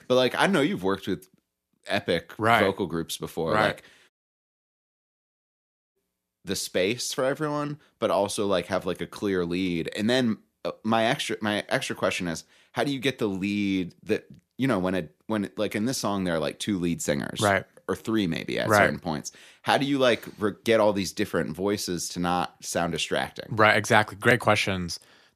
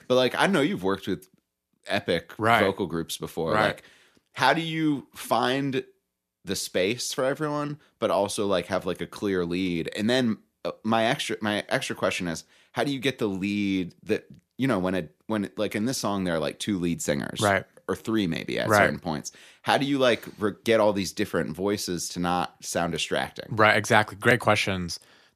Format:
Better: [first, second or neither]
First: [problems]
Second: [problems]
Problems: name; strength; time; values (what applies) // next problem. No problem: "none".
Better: second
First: audio cutting out; at 4 s for 2 s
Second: none